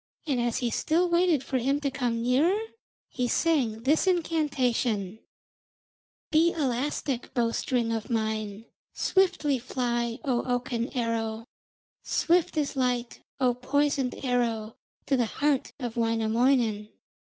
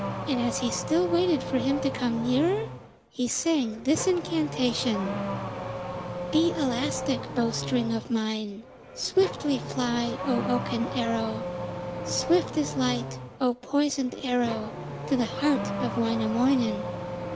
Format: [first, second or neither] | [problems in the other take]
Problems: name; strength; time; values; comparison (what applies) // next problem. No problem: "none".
first | background sound (Accelerating, revving, vroom / Car); 7 dB below the speech